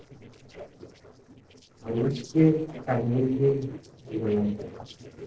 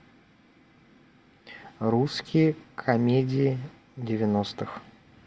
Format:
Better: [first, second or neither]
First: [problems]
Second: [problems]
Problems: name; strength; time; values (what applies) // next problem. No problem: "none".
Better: second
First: noise reduction (neural separator model SepFormer DNS4)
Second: none